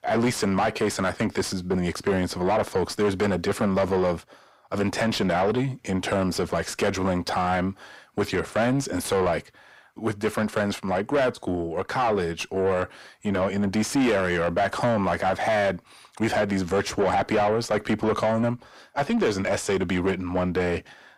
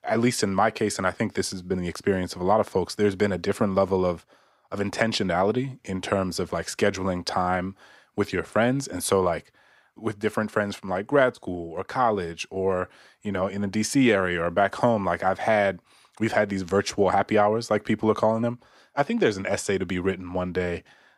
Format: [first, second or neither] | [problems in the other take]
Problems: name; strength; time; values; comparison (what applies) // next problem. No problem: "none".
second | distortion; heavy; 7 dB below the speech